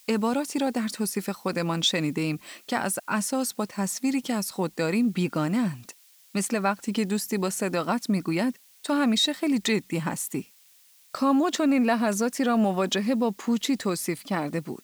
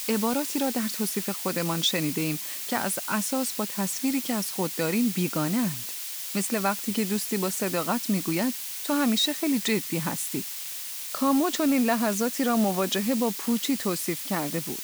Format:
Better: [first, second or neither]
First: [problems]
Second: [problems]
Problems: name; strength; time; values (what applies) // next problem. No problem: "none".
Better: first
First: hiss; faint; throughout; 25 dB below the speech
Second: hiss; loud; throughout; 4 dB below the speech